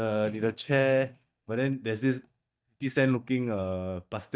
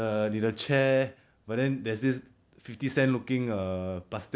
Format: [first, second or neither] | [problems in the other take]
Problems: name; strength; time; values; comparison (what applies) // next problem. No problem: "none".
second | noise reduction (neural mask model DeepFilterNet 3)